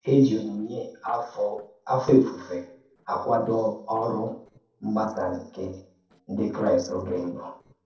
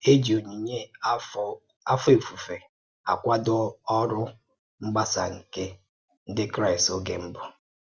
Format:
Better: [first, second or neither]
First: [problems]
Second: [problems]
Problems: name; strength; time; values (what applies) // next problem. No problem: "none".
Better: second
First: noise reduction (neural separator model SepFormer DNS4)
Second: none